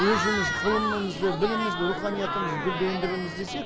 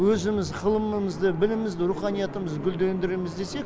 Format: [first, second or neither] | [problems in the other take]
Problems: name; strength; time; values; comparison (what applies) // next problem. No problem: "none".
second | background sound (Crowd / Cheering); 2 dB below the speech